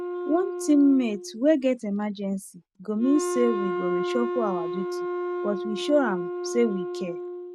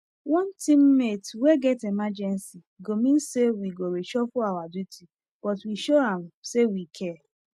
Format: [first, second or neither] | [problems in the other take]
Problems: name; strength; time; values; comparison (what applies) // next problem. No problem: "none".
second | background sound (Wind instrument, woodwind instrument); 5 dB below the speech